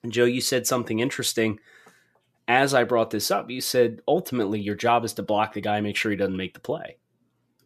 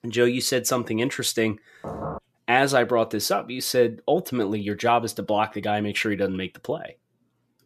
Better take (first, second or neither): first